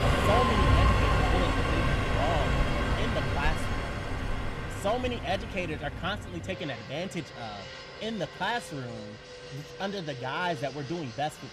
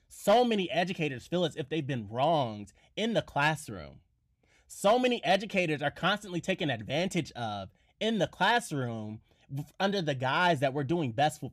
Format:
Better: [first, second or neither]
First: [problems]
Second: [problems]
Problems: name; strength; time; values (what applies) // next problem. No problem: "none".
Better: second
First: train or aircraft noise; very loud; throughout; 5 dB above the speech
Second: none